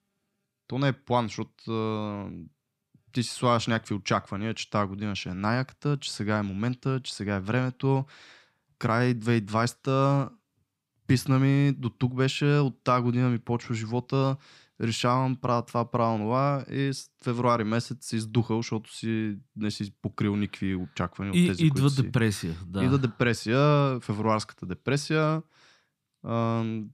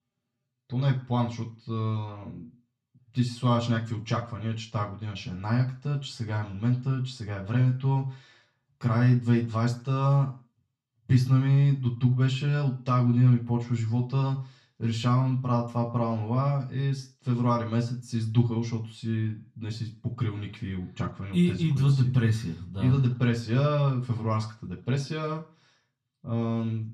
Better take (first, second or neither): first